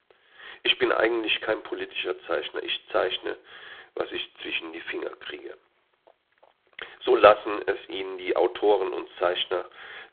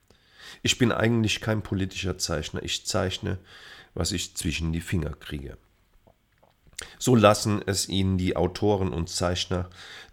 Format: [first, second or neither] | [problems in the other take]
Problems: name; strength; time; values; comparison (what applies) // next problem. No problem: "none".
second | phone-call audio; poor line; nothing above 3.5 kHz